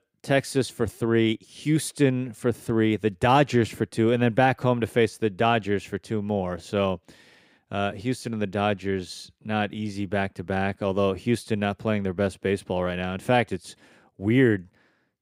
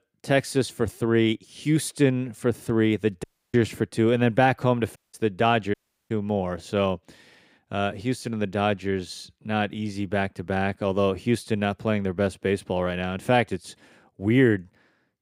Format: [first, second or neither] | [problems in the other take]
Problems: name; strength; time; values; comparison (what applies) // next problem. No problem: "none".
first | audio cutting out; at 3 s, at 5 s and at 5.5 s